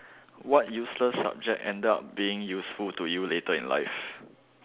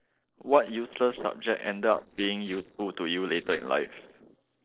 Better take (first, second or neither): first